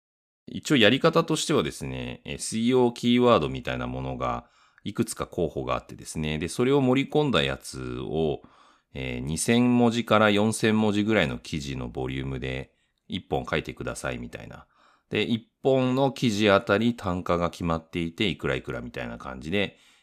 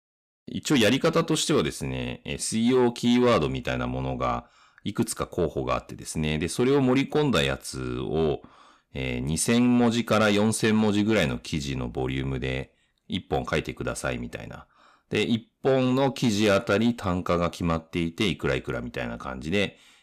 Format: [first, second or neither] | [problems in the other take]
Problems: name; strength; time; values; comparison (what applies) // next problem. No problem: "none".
first | distortion; slight; 10 dB below the speech